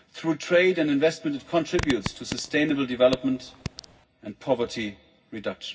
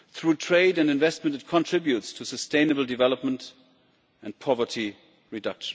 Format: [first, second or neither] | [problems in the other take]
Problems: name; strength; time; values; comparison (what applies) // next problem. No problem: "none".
second | background sound (Fart); 11 dB below the speech // room echo; dies away in 0.4 s